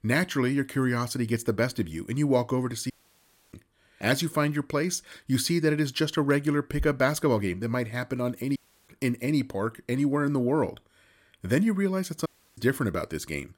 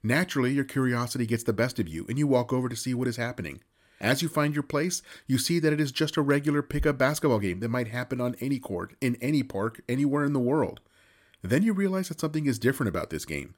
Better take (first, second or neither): second